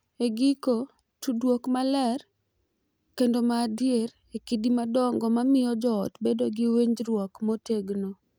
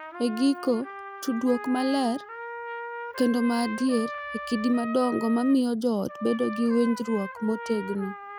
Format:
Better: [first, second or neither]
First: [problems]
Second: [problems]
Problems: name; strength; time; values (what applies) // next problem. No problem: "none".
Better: first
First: none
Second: background sound (Trumpet); 11 dB below the speech